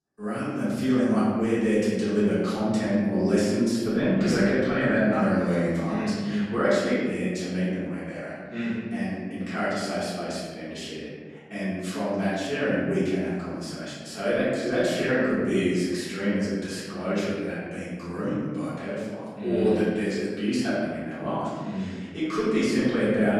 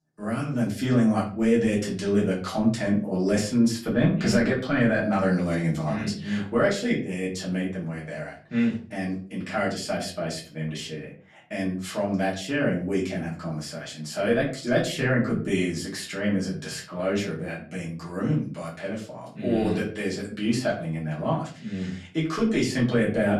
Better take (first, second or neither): second